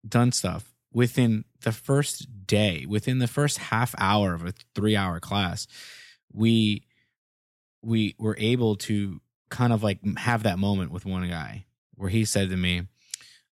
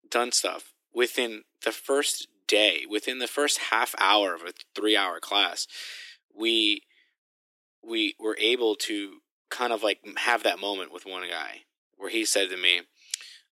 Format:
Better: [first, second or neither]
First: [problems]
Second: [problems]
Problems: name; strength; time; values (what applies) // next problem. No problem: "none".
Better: first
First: none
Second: thin; very; fading below 300 Hz